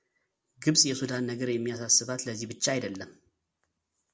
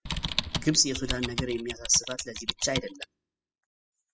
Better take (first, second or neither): first